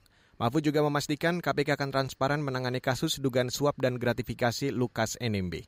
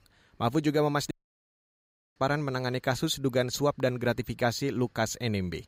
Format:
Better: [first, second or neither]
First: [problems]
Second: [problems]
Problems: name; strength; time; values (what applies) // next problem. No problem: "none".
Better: first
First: none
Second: audio cutting out; at 1 s for 1 s